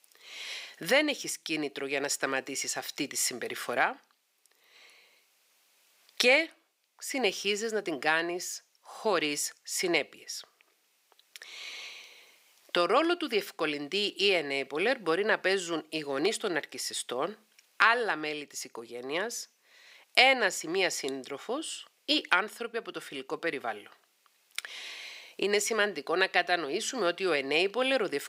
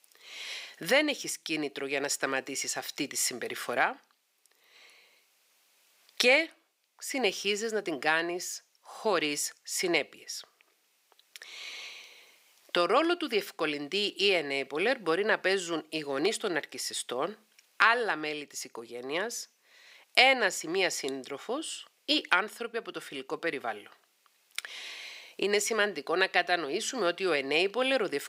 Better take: neither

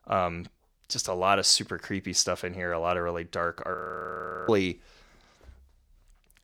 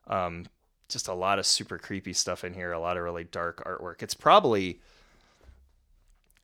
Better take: second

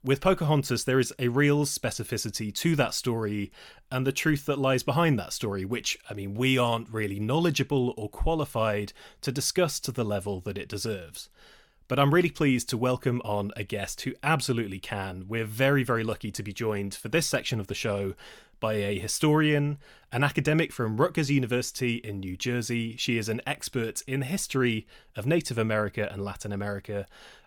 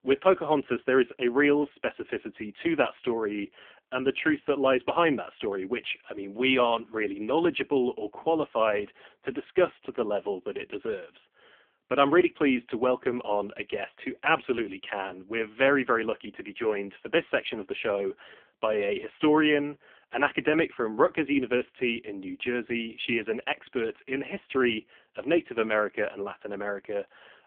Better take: first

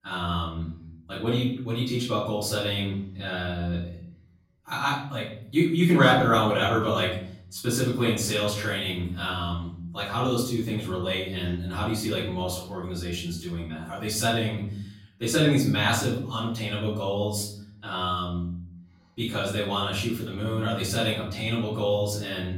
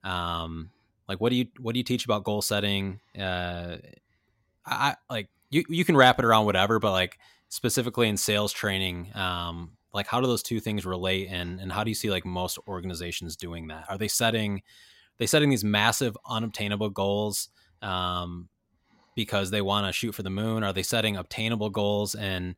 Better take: second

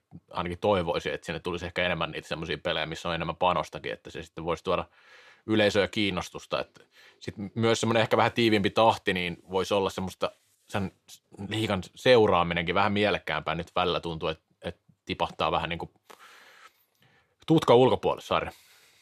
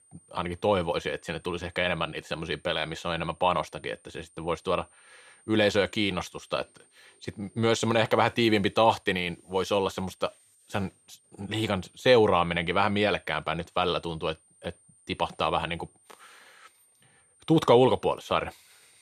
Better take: first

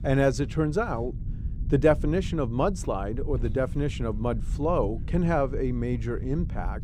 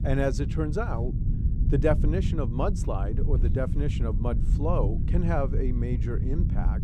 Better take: first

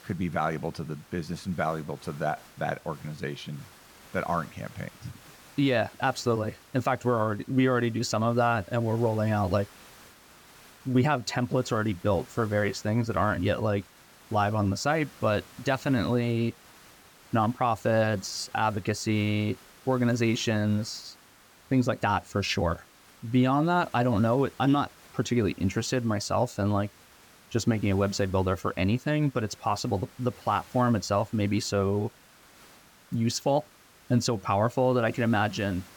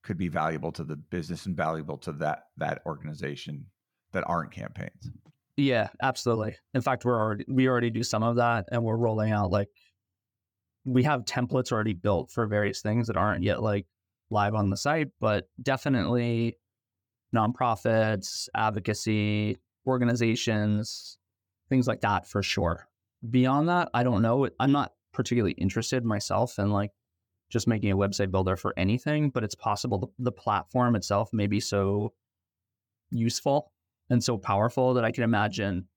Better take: second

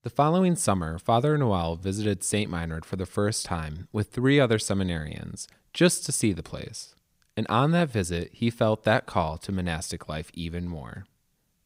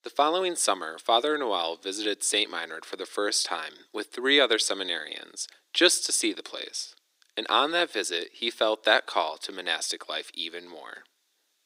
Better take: first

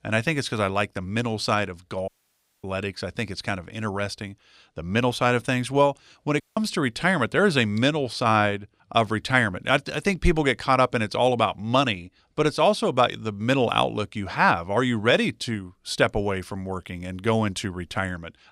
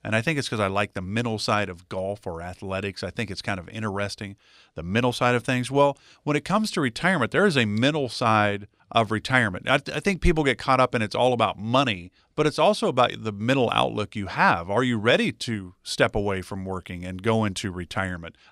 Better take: second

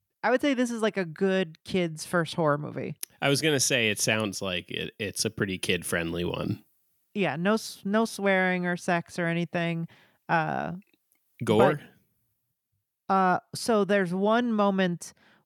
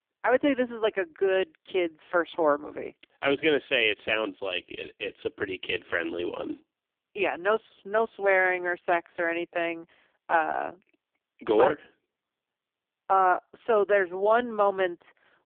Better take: first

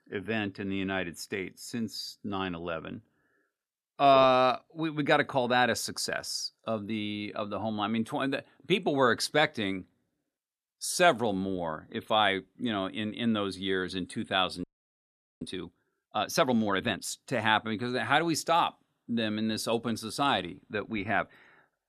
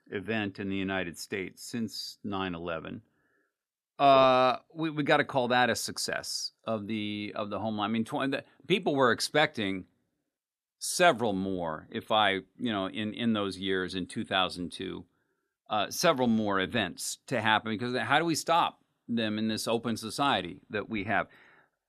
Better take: second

